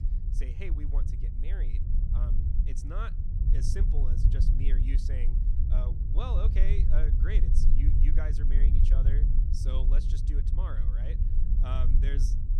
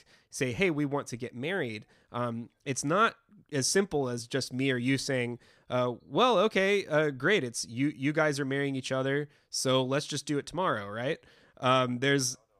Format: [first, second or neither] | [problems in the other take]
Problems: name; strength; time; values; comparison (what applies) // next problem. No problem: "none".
second | low rumble; loud; throughout; 2 dB below the speech